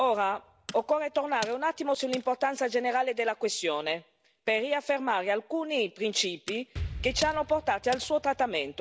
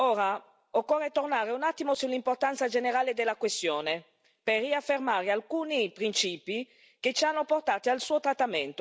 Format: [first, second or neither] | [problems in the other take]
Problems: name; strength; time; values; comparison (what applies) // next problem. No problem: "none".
second | background sound (Explosion + Tools); 16 dB below the speech